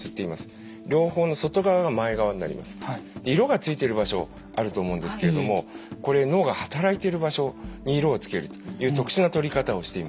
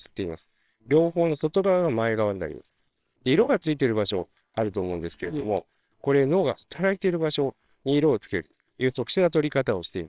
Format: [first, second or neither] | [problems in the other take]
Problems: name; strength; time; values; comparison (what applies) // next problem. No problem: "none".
first | noise reduction (neural separator model SepFormer WHAMR!)